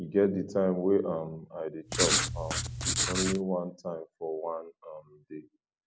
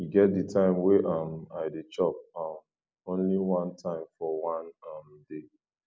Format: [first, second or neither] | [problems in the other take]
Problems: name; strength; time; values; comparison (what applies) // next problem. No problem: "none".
second | background sound (Writing); 2 dB above the speech